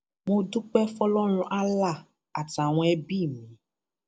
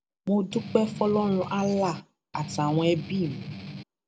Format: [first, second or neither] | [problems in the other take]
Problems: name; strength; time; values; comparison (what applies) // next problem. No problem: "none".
first | background sound (Strum); 11 dB below the speech